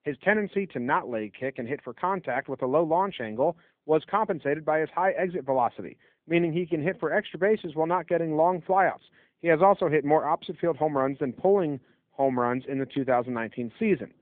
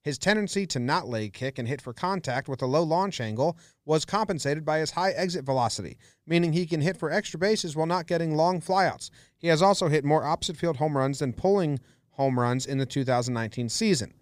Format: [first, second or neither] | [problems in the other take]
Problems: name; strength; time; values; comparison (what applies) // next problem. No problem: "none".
second | phone-call audio; nothing above 3.5 kHz